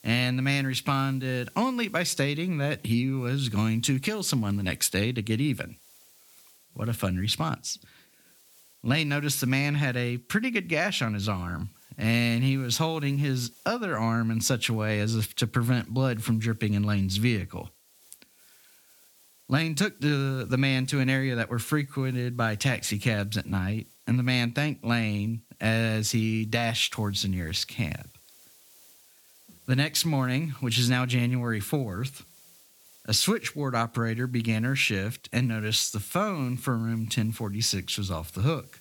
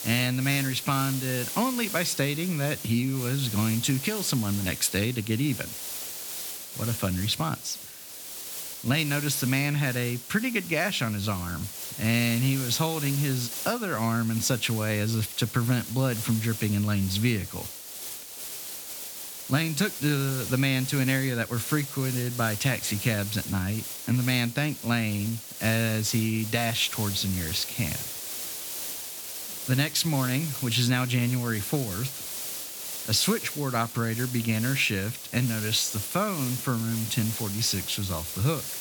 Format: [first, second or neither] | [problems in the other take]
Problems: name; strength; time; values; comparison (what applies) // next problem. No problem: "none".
first | hiss; loud; throughout; 7 dB below the speech; faint in the first